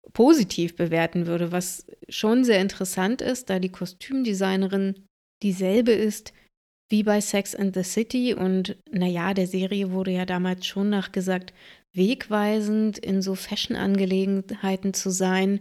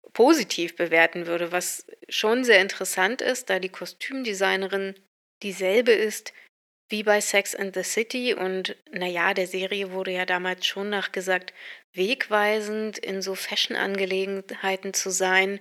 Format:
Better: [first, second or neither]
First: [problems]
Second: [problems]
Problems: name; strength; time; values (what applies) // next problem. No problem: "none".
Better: first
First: none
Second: thin; very; fading below 500 Hz